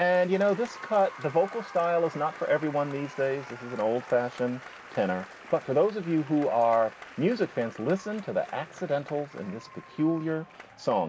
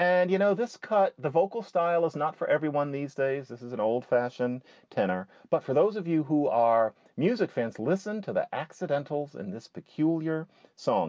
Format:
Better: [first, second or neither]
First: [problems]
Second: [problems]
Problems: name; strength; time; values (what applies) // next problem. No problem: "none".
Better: second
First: background sound (Applause); 18 dB below the speech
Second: none